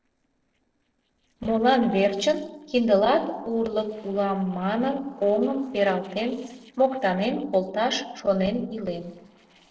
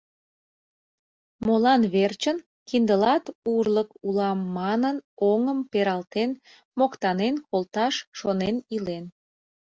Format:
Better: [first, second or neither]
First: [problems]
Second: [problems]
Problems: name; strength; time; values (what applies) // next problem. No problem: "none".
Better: second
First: noise reduction (neural separator model SepFormer DNS4)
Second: none